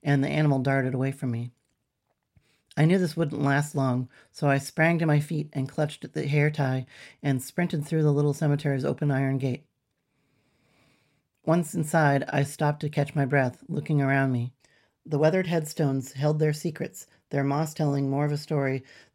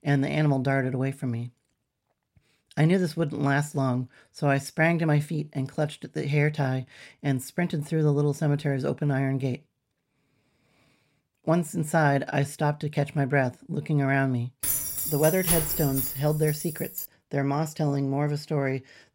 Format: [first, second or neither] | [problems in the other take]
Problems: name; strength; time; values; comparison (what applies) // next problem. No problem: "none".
first | jangling keys; loud; from 15 to 17 s; peak 3 dB above the speech